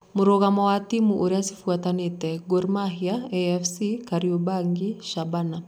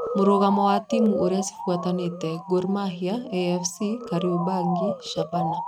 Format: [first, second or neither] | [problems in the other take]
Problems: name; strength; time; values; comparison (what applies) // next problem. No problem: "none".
first | noise reduction (neural mask model RNNoise)